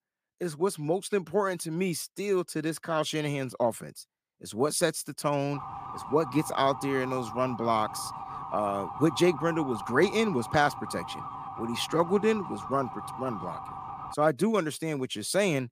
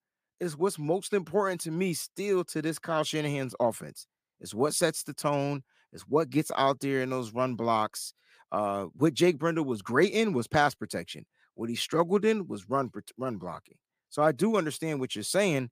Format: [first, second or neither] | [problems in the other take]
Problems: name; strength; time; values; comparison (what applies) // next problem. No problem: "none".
second | siren; noticeable; from 5.5 to 14 s; peak 9 dB below the speech